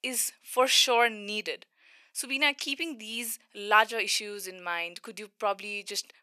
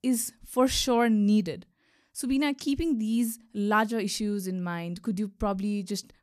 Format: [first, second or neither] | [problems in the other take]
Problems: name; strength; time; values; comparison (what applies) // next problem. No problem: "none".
second | thin; very; fading below 500 Hz